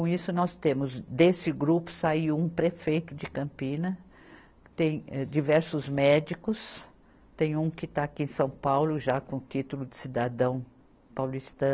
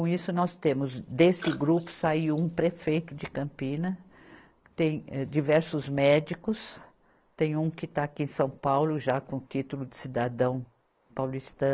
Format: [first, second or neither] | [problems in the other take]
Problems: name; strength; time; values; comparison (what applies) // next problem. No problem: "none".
first | noise reduction (neural mask model Resemble Enhance denoiser)